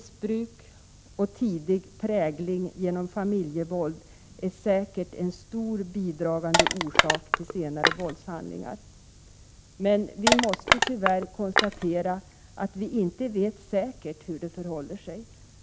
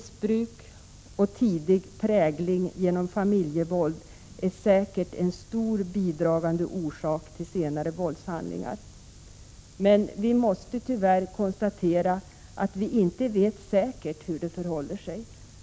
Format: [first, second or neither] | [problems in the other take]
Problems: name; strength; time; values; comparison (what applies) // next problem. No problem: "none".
second | background sound (Crushing); 4 dB above the speech